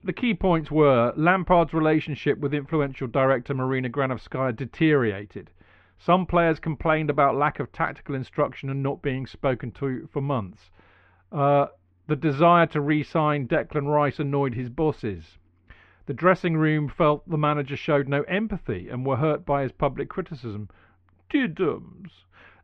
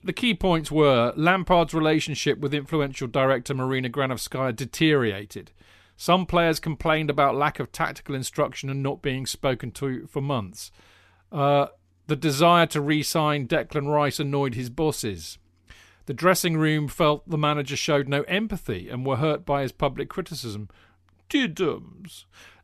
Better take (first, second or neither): second